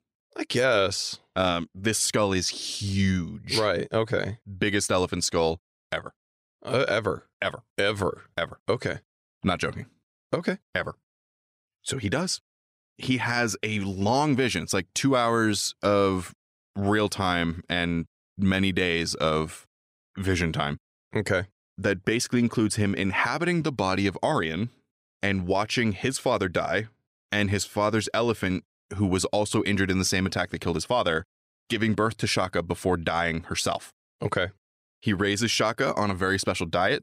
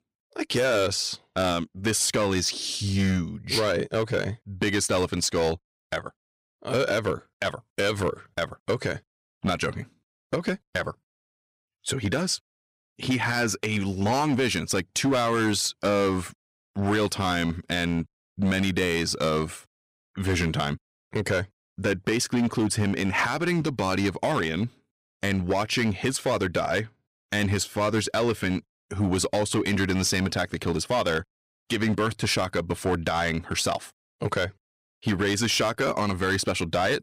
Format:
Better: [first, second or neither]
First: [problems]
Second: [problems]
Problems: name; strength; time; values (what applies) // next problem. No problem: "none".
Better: first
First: none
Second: distortion; slight; 8% of the sound clipped